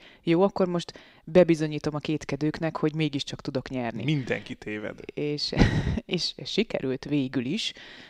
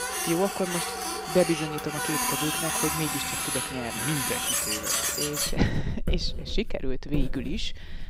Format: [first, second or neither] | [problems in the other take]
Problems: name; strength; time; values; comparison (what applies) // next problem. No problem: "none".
first | household noises; very loud; throughout; 3 dB above the speech